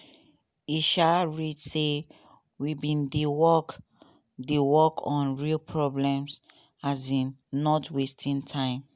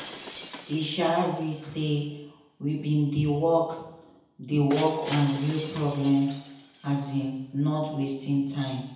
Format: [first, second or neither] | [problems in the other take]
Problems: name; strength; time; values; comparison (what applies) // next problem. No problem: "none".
first | background sound (Shatter); 17 dB below the speech // room echo; dies away in 0.8 s